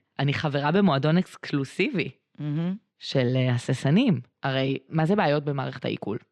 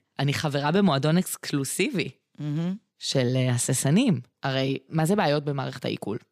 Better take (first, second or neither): second